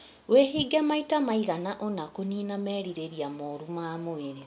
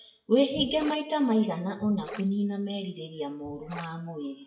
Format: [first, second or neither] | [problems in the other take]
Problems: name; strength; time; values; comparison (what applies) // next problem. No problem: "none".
first | noise reduction (classical method WPE with log-MMSE)